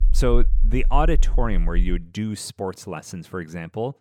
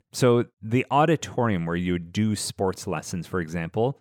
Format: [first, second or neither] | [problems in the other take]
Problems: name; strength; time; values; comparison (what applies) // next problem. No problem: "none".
second | low rumble; faint; until 2 s; 20 dB below the speech